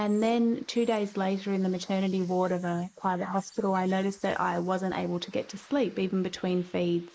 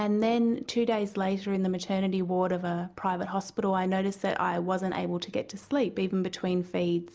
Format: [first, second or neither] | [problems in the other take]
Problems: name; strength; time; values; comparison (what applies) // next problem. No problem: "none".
second | noise reduction (neural mask model Resemble Enhance denoiser)